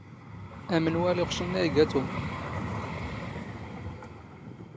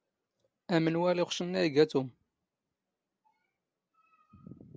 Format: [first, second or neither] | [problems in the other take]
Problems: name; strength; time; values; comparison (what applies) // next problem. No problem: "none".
second | background sound (Vehicle); 5 dB below the speech